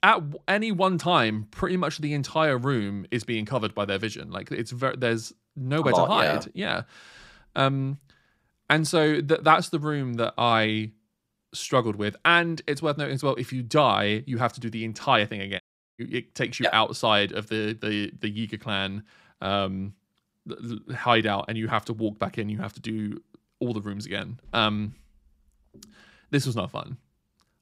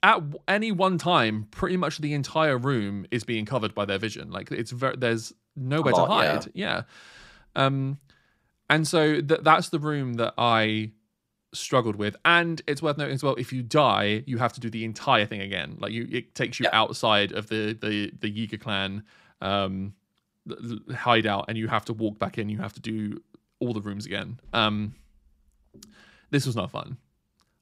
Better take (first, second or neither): second